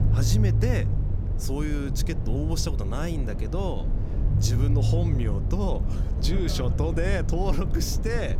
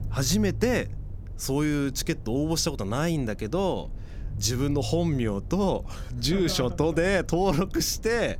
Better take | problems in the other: second | low rumble; loud; throughout; 7 dB below the speech; faint in the second

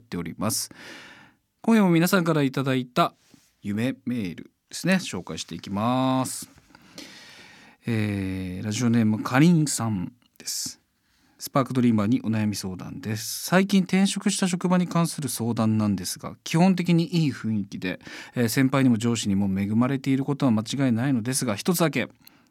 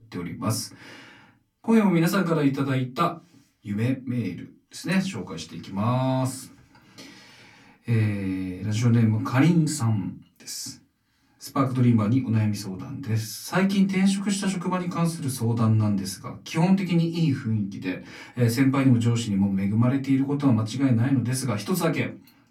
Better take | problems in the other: first | off-mic speech; far // room echo; very slight; dies away in 0.2 s

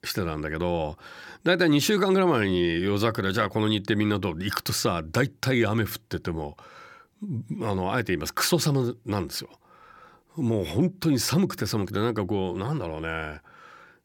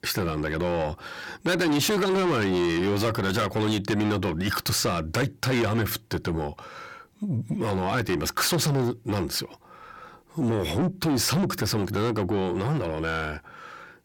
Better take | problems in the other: first | distortion; heavy; 7 dB below the speech

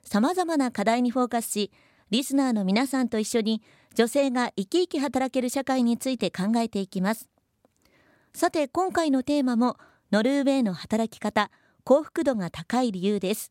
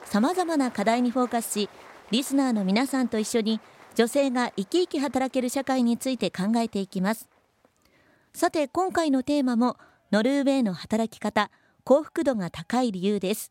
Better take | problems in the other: first | crowd noise; faint; throughout; 25 dB below the speech

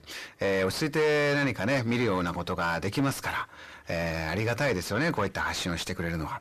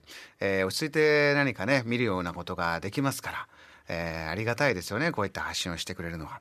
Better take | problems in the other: second | distortion; heavy; 7 dB below the speech

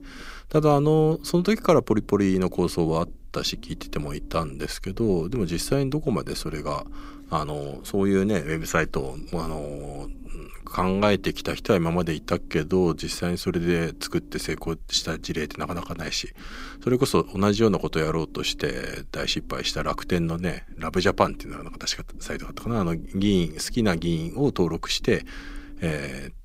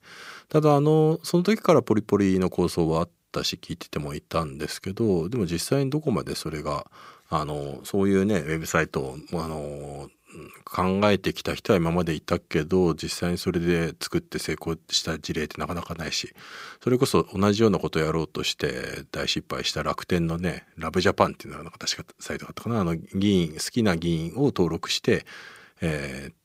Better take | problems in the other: second | low rumble; faint; throughout; 25 dB below the speech

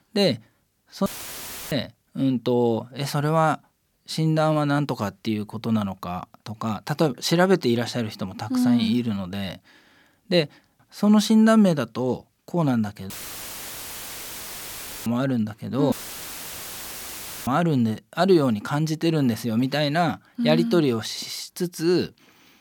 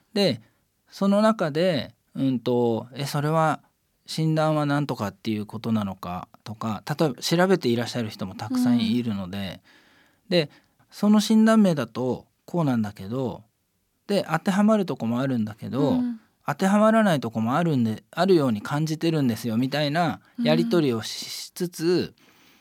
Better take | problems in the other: second | audio cutting out; filled with static; at 1 s for 0.5 s, at 13 s for 2 s and at 16 s for 1.5 s

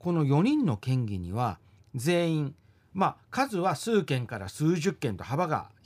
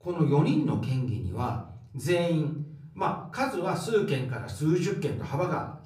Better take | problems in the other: first | off-mic speech; far // room echo; slight; dies away in 0.5 s

